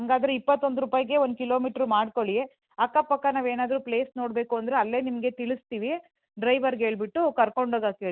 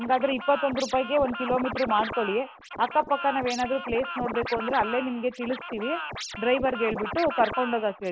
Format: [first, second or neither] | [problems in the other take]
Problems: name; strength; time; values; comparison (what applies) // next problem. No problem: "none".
first | background sound (Scratching (performance technique)); 9 dB below the speech